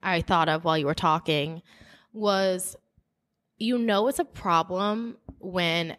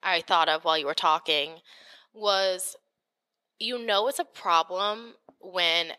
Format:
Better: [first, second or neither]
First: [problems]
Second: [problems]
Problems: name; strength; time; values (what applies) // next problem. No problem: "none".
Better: first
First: none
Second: thin; very; fading below 600 Hz